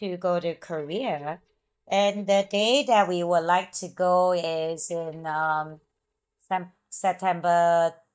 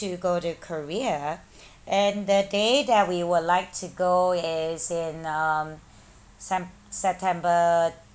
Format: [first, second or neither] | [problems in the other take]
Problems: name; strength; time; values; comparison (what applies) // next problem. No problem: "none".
second | noise reduction (neural mask model DeepFilterNet 3)